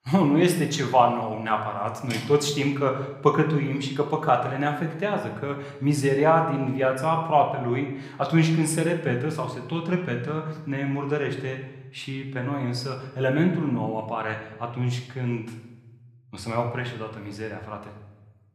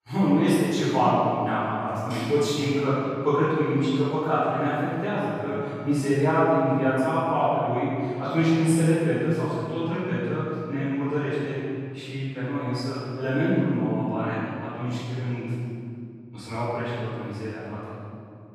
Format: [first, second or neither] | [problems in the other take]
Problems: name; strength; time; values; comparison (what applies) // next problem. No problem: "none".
first | room echo; strong; dies away in 2.4 s; slight in the first // off-mic speech; far